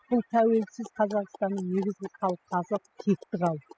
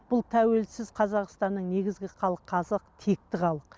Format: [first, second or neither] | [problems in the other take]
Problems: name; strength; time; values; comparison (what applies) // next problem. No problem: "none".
second | noise reduction (classical method spectral subtraction)